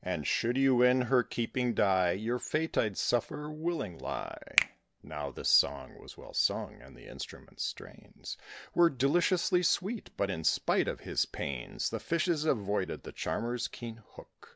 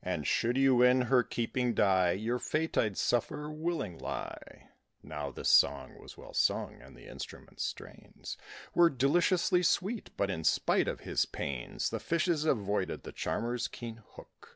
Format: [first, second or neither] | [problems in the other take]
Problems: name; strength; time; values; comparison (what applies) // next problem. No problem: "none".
second | background sound (Finger snapping); 7 dB below the speech